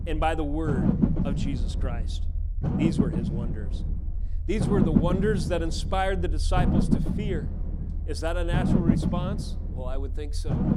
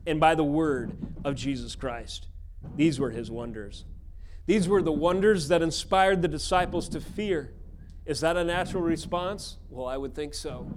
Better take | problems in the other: second | low rumble; loud; throughout; 2 dB below the speech; faint in the second

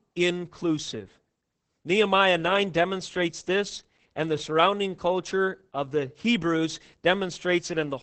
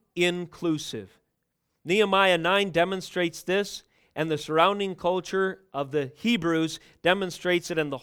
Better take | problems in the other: second | garbled, watery; badly; nothing above 8 kHz

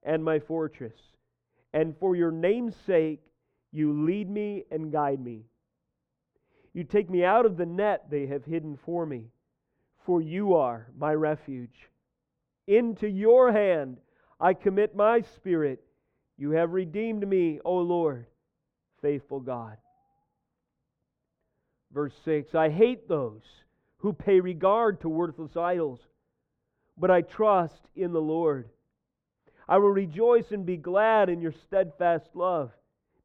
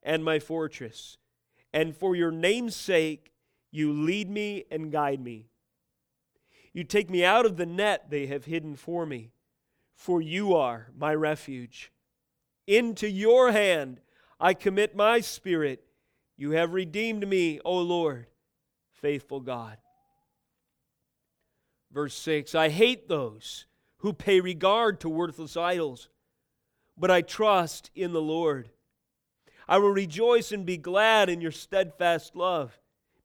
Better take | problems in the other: second | muffled; very; fading above 3.5 kHz

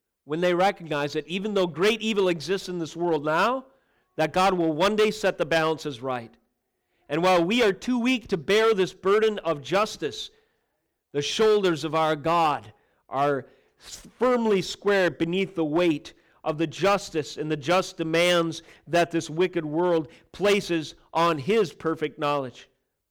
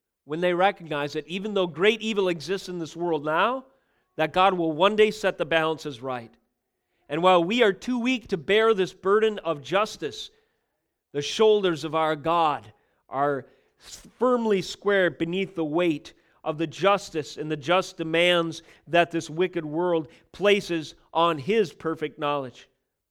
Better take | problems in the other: second | distortion; slight; 5% of the sound clipped

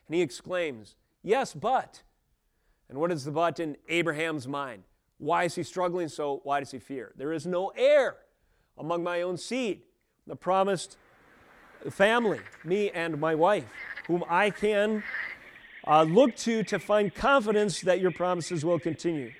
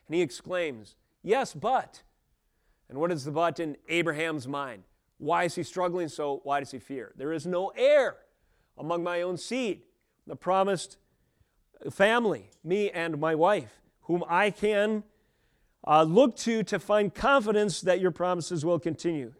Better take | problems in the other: second | animal sounds; noticeable; from 11 s on; 15 dB below the speech

